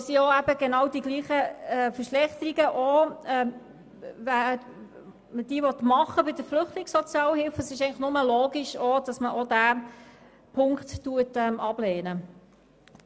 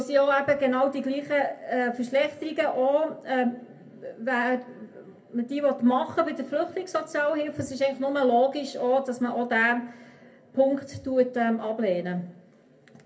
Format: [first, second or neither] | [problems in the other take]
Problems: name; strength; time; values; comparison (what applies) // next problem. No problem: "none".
first | room echo; dies away in 0.3 s